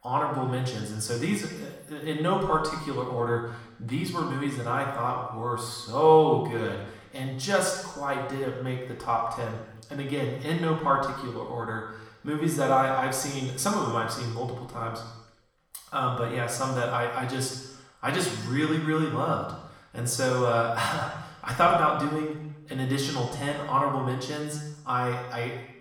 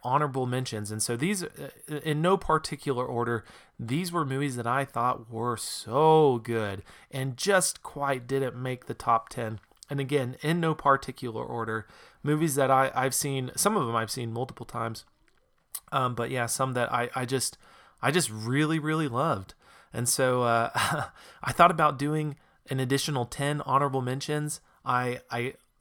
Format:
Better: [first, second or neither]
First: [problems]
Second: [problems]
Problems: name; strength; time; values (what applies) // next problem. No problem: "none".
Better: second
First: room echo; noticeable; dies away in 0.9 s // off-mic speech; somewhat distant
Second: none